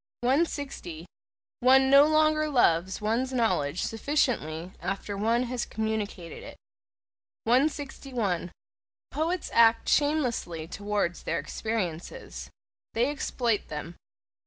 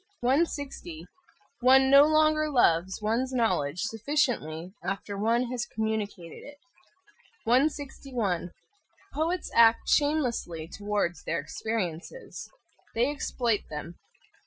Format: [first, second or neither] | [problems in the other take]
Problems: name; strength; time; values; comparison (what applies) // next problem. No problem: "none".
first | noise reduction (classical method Wiener filter)